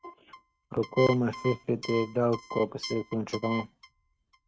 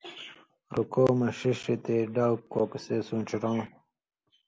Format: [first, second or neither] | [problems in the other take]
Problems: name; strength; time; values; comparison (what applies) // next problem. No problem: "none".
second | noise reduction (neural mask model RNNoise)